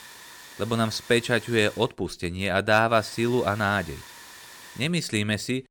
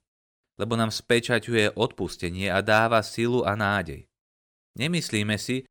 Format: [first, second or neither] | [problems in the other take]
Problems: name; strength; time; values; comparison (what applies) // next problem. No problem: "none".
second | hiss; noticeable; until 2 s and from 3 to 5 s; 20 dB below the speech